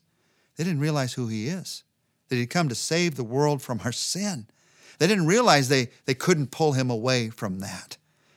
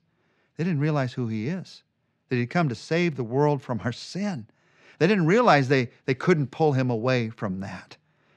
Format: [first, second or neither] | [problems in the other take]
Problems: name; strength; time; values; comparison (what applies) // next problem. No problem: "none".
first | muffled; slightly; fading above 2.5 kHz